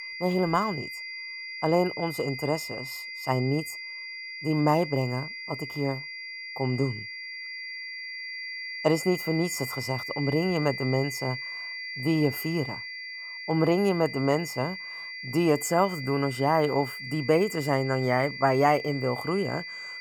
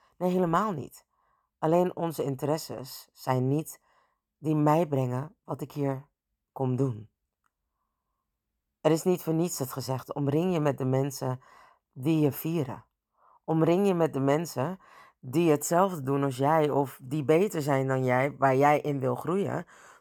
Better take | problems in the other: second | high-pitched whine; loud; throughout; 2 kHz, 8 dB below the speech

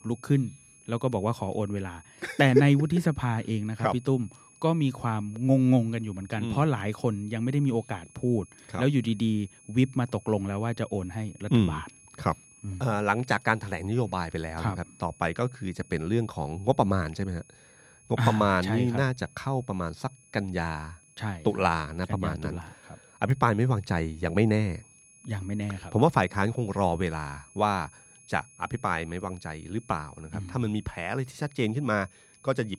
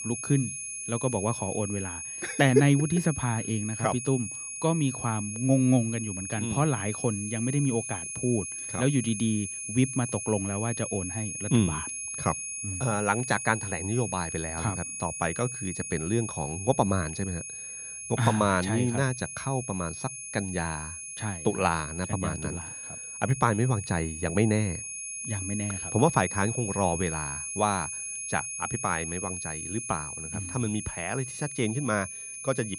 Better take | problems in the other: first | high-pitched whine; loud; throughout; 10 kHz, 5 dB below the speech; faint in the first

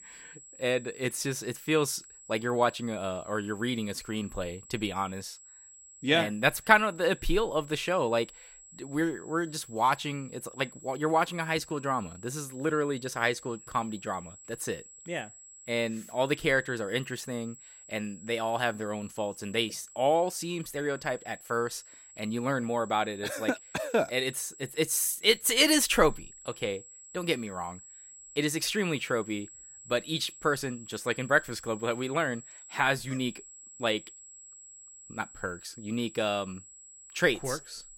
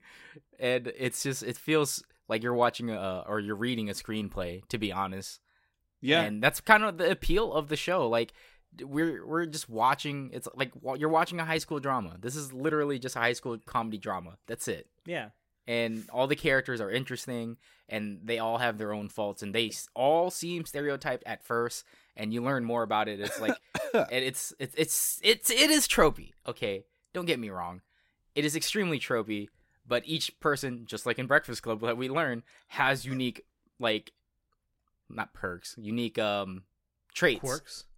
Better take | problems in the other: second | high-pitched whine; noticeable; throughout; 7.5 kHz, 20 dB below the speech

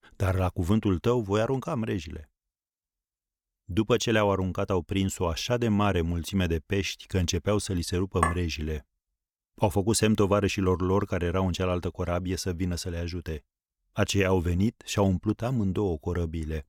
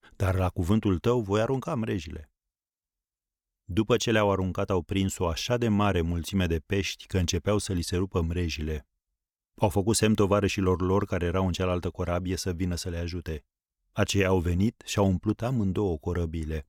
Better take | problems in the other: second | clattering dishes; noticeable; at 8 s; peak 2 dB below the speech

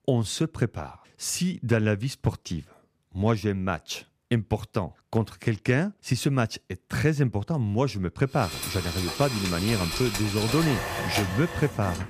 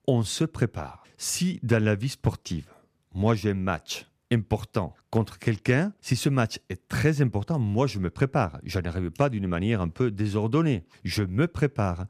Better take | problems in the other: second | household noises; loud; from 8.5 s on; 3 dB below the speech

